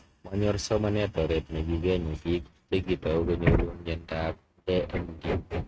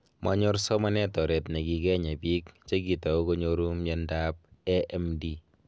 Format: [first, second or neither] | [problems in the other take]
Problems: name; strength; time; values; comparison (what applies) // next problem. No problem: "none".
second | noise reduction (neural mask model RNNoise)